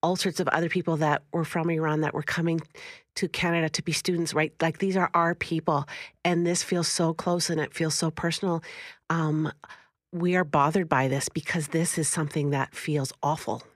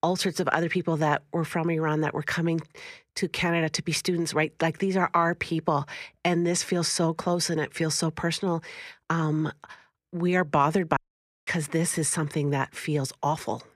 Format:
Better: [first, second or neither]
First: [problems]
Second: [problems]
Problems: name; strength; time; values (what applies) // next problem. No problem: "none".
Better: first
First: none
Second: audio cutting out; at 11 s for 0.5 s